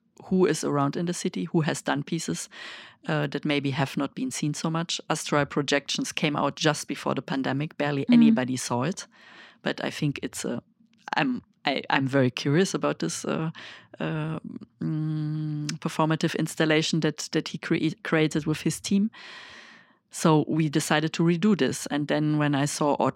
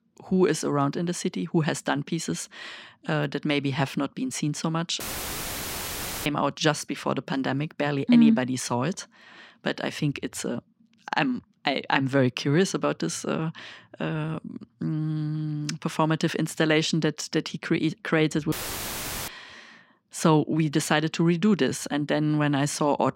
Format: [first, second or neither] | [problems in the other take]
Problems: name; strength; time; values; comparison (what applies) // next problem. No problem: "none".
first | audio cutting out; filled with static; at 5 s for 1.5 s and at 19 s for 1 s